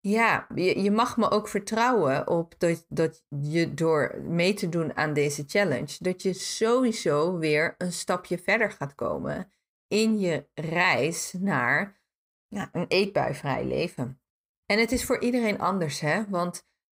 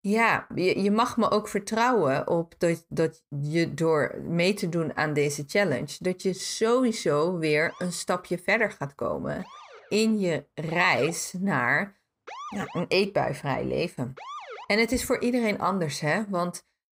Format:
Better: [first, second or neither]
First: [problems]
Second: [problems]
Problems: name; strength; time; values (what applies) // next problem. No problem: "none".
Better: first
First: none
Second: siren; noticeable; from 7.5 to 15 s; peak 10 dB below the speech